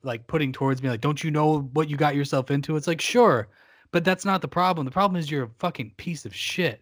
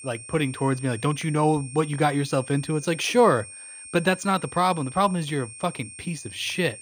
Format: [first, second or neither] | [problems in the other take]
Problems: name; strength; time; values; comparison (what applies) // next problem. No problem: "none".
first | high-pitched whine; noticeable; throughout; 8.5 kHz, 15 dB below the speech